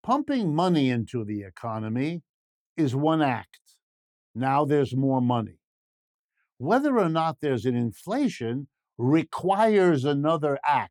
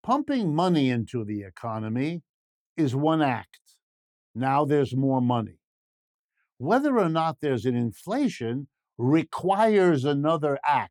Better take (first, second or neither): neither